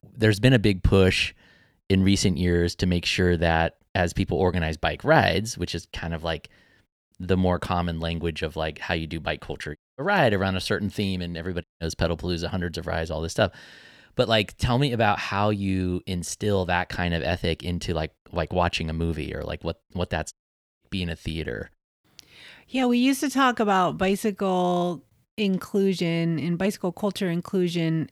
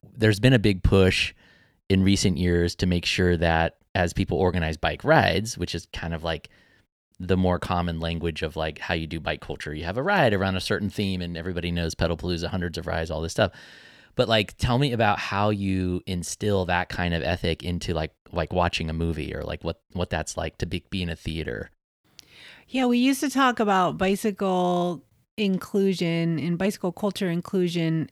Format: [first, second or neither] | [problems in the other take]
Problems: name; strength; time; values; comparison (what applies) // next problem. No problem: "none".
second | audio cutting out; at 10 s, at 12 s and at 20 s